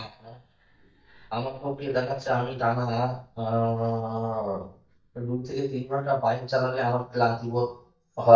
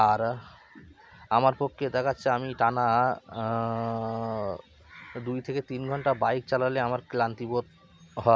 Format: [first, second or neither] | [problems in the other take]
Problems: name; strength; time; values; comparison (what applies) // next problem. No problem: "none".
second | noise reduction (neural mask model DeepFilterNet 3)